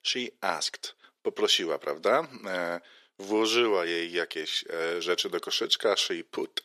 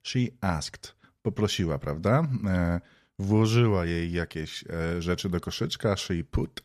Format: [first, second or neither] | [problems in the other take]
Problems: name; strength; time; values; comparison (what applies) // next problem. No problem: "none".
second | thin; very; fading below 350 Hz